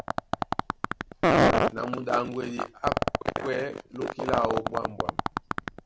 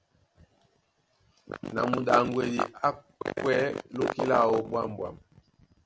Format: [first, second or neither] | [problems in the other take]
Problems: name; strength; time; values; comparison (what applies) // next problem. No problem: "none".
second | background sound (Fart); 4 dB above the speech